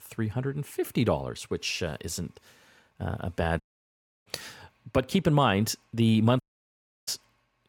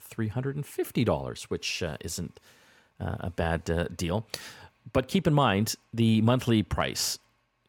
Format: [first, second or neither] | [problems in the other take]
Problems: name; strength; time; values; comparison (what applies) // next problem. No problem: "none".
second | audio cutting out; at 3.5 s for 0.5 s and at 6.5 s for 0.5 s